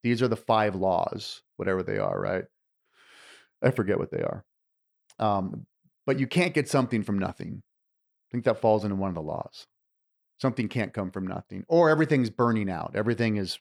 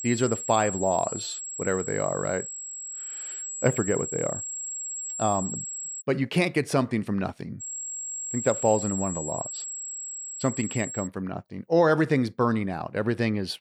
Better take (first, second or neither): first